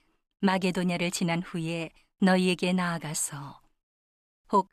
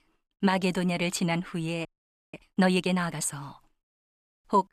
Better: first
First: none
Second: audio freezing; at 2 s

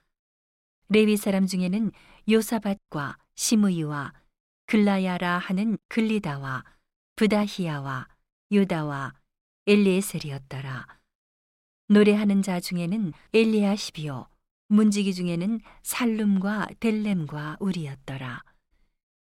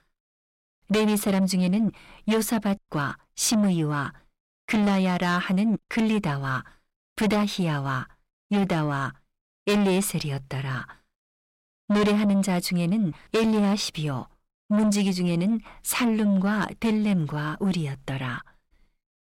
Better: first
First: none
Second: distortion; heavy; 7 dB below the speech

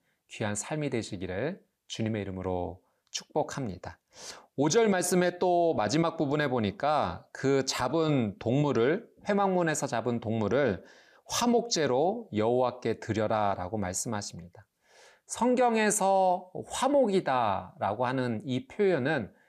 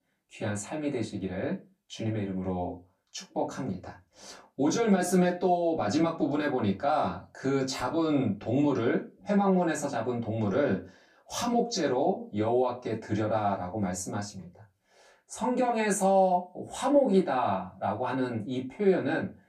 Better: first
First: none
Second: off-mic speech; far // room echo; very slight; dies away in 0.2 s

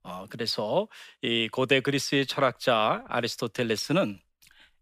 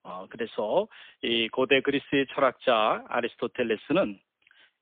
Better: first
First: none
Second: phone-call audio; poor line; nothing above 3.5 kHz

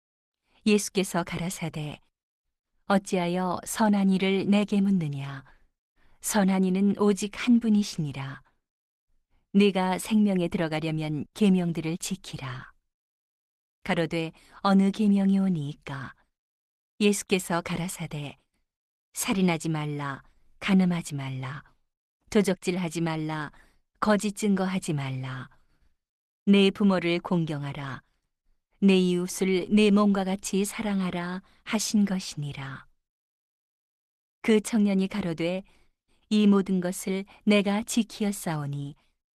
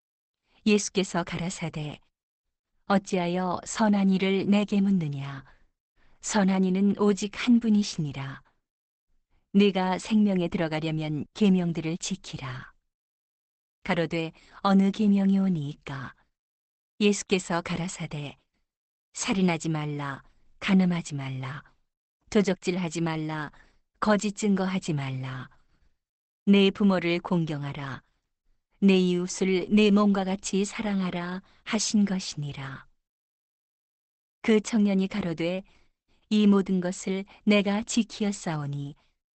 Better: first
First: garbled, watery; slightly; nothing above 14 kHz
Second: garbled, watery; badly; nothing above 8 kHz

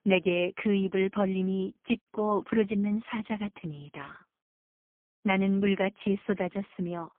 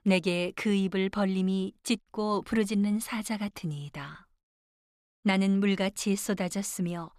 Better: second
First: phone-call audio; poor line; nothing above 3 kHz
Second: none

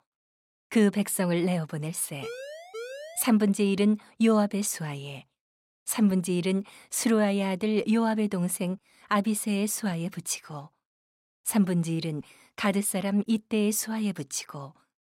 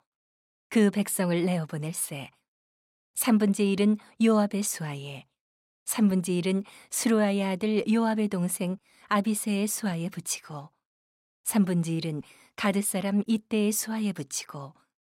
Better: second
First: siren; faint; from 2 to 3.5 s; peak 10 dB below the speech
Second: none

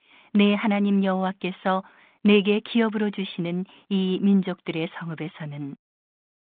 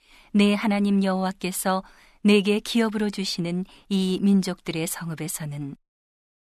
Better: second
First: phone-call audio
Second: none

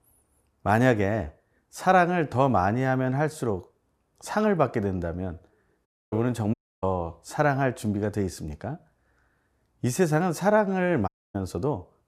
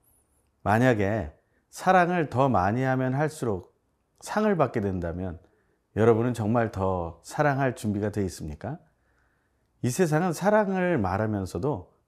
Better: second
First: audio cutting out; at 6 s, at 6.5 s and at 11 s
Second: none

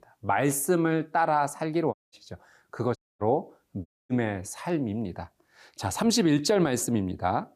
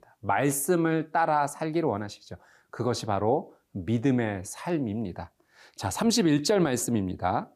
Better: second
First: audio cutting out; at 2 s, at 3 s and at 4 s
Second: none

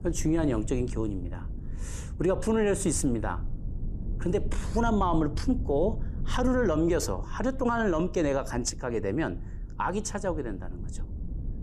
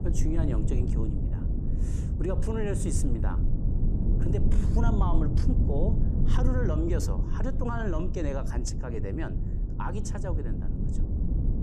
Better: first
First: low rumble; faint; throughout; 20 dB below the speech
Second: low rumble; loud; throughout; 5 dB below the speech

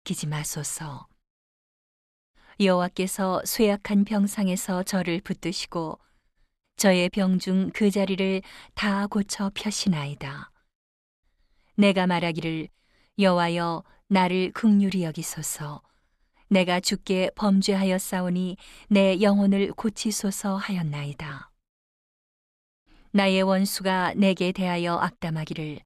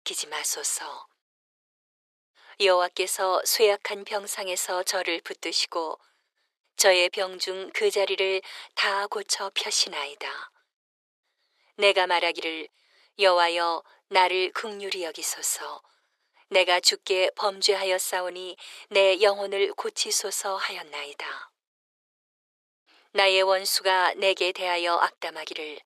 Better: first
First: none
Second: thin; very; fading below 400 Hz

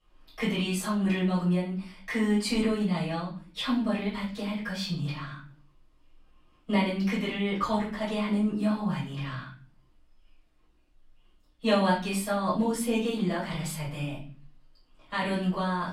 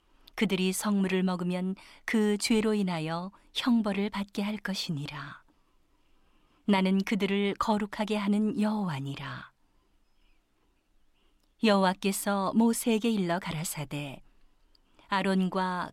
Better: second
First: off-mic speech; far // room echo; noticeable; dies away in 0.5 s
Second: none

